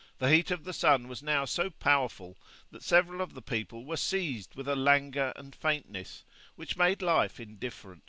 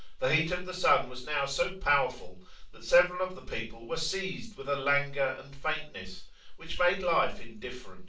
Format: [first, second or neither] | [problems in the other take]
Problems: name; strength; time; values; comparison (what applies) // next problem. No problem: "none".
first | room echo; dies away in 0.3 s